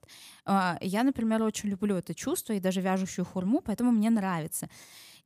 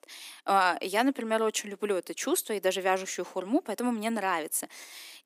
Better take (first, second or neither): first